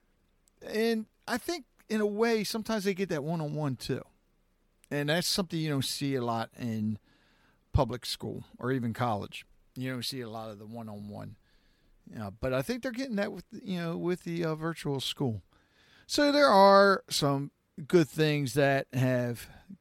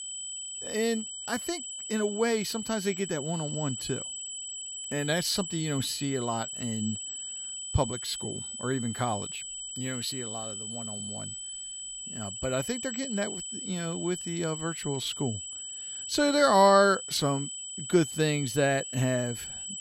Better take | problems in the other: first | high-pitched whine; loud; throughout; 8 kHz, 6 dB below the speech

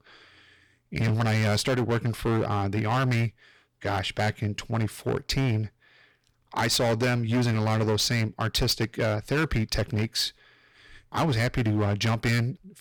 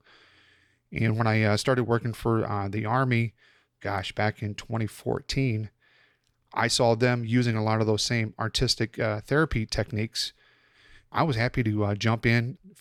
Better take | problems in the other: second | distortion; heavy; 14% of the sound clipped

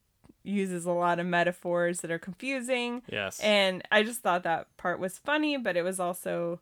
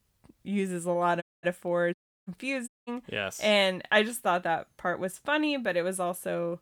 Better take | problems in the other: first | audio cutting out; at 1 s, at 2 s and at 2.5 s

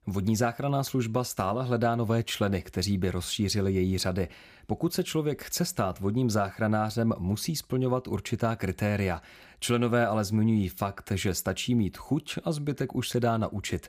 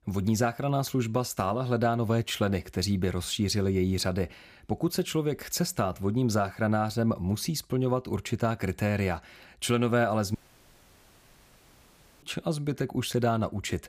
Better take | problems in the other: first | audio cutting out; at 10 s for 2 s

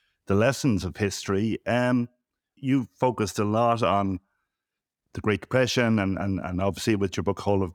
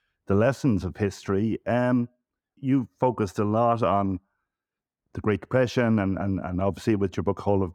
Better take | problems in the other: first | muffled; slightly; fading above 2 kHz

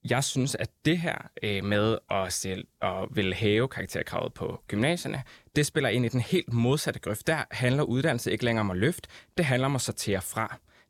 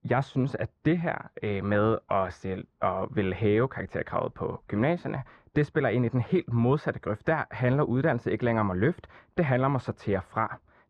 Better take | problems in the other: first | muffled; very; fading above 1.5 kHz

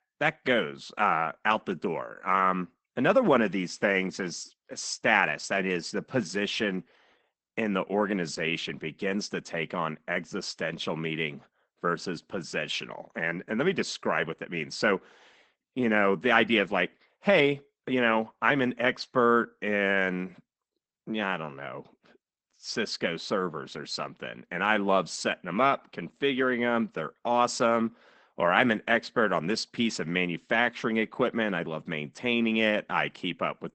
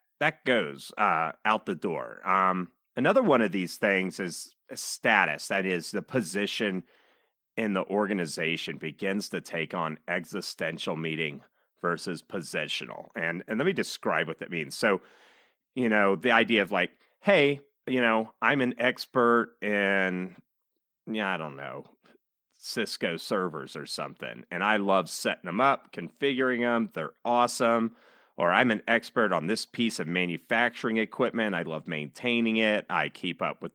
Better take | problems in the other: second | garbled, watery; badly; nothing above 8 kHz; slightly in the second

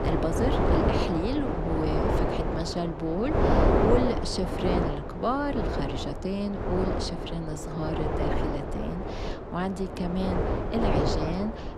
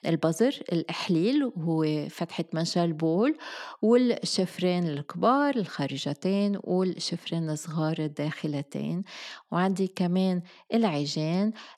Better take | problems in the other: second | wind noise on the microphone; heavy; 3 dB above the speech

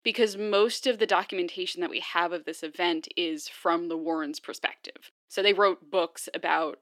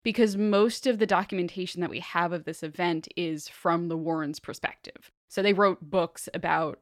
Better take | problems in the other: second | thin; somewhat; fading below 300 Hz

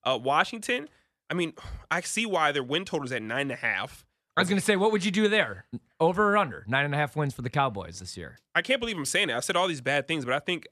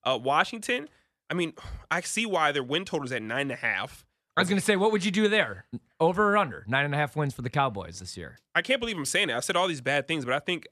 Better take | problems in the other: neither | none

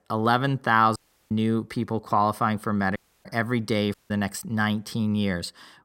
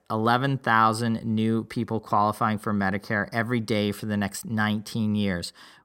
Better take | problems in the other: second | audio cutting out; at 1 s, at 3 s and at 4 s

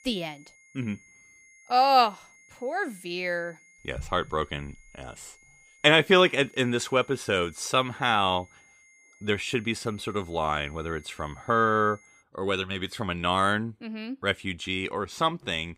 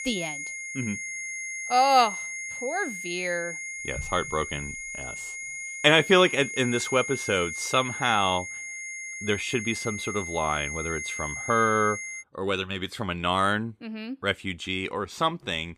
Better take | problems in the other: first | high-pitched whine; loud; until 12 s; 2 kHz, 7 dB below the speech; faint in the first

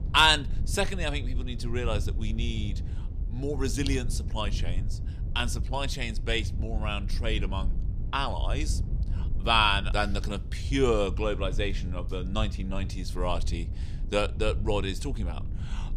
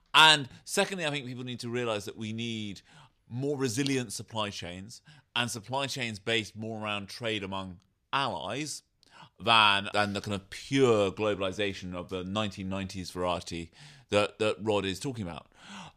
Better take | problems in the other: second | wind noise on the microphone; occasional gusts; 20 dB below the speech

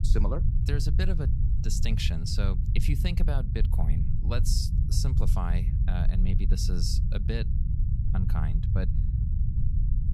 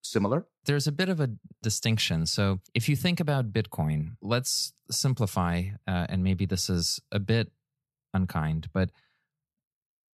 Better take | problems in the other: second | low rumble; loud; throughout; 6 dB below the speech

